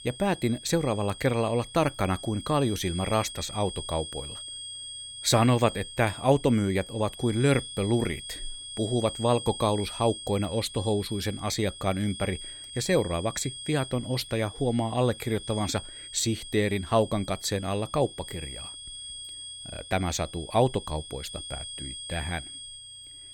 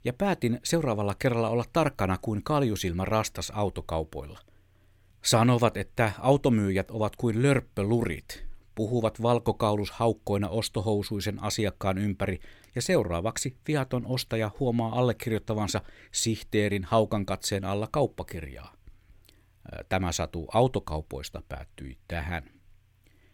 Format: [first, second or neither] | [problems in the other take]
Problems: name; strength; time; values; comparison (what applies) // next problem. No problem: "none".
second | high-pitched whine; noticeable; throughout; 3.5 kHz, 10 dB below the speech